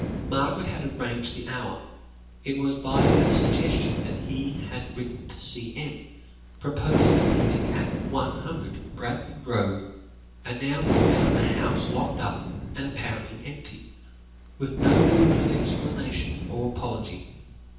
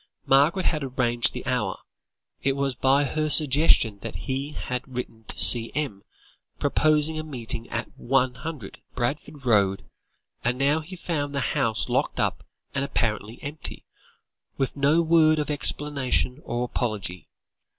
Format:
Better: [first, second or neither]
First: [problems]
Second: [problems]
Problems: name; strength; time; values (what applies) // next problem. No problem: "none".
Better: second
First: background sound (Breathing); 3 dB above the speech // room echo; dies away in 0.9 s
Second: none